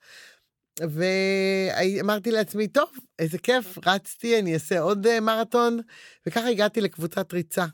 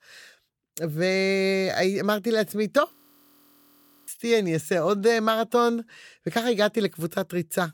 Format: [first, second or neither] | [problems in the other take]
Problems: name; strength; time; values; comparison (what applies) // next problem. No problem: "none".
first | audio freezing; at 3 s for 1 s